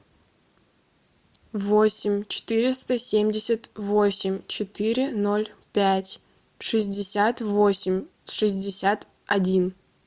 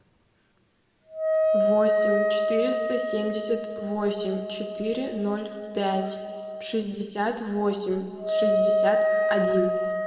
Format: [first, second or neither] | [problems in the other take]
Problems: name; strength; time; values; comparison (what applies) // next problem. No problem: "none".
first | background sound (Wind instrument, woodwind instrument); 3 dB above the speech // room echo; dies away in 1.9 s